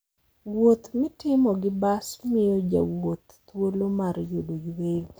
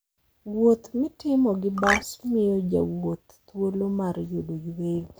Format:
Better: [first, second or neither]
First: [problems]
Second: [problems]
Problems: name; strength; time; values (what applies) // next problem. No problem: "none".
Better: first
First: none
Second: background sound (Marimba, xylophone); 1 dB above the speech